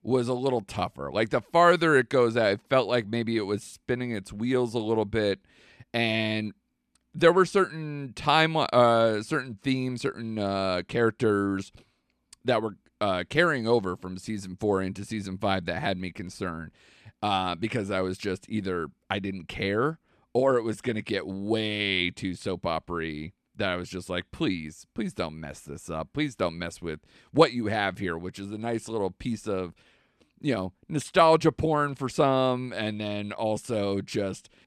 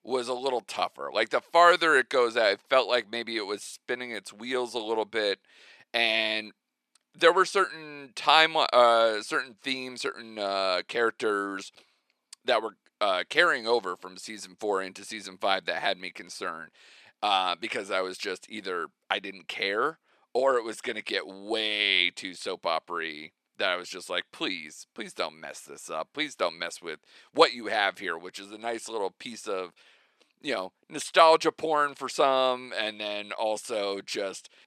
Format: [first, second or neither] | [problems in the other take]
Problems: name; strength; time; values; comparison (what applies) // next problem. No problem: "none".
first | thin; somewhat; fading below 550 Hz